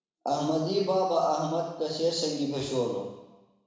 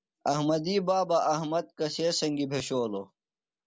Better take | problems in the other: second | room echo; dies away in 1 s

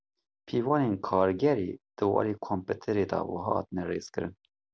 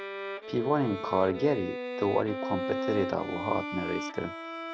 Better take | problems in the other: first | background sound (Bowed string instrument); 5 dB below the speech

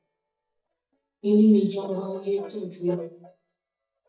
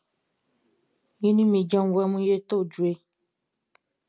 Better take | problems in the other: second | noise reduction (neural mask model DeepFilterNet 3)

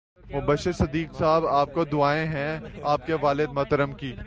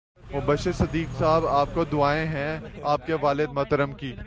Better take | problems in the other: first | background sound (Car); 12 dB below the speech

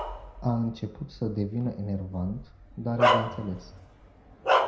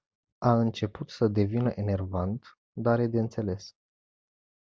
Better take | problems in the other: second | background sound (Bark); 2 dB above the speech // room echo; dies away in 0.5 s

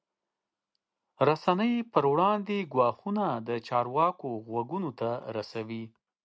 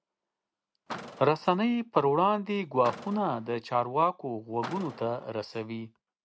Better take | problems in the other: first | background sound (Car); 16 dB below the speech

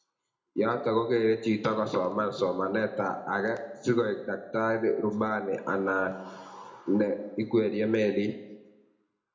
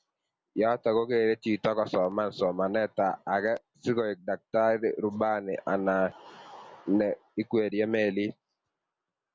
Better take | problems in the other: second | room echo; dies away in 0.6 s

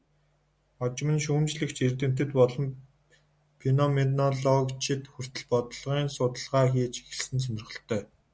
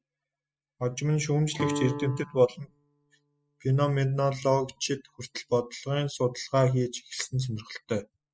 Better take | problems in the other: first | noise reduction (classical method spectral subtraction)

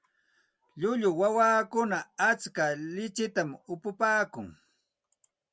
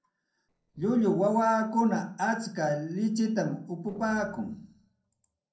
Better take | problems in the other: first | noise reduction (neural separator model SepFormer DNS4)

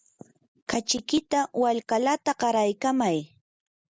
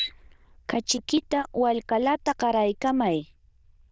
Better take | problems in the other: first | noise reduction (neural diffusion model UNIVERSE++)

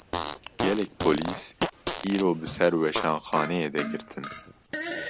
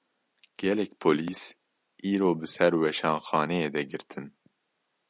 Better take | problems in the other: second | background sound (Fart); 6 dB below the speech

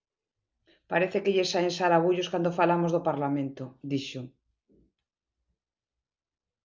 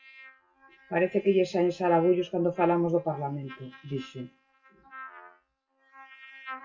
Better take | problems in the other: first | noise reduction (classical method WPE with log-MMSE)

